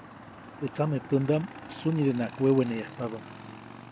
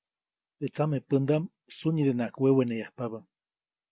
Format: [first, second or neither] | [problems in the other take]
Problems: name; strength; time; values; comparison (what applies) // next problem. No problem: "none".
second | background sound (Motorcycle / Engine); 15 dB below the speech